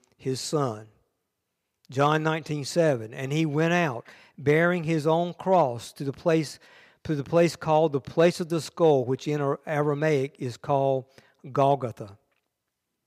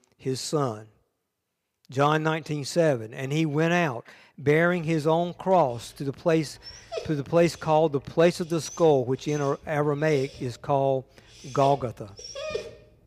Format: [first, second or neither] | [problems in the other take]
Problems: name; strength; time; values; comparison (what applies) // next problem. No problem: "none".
first | dog barking; noticeable; from 6.5 s on; peak 8 dB below the speech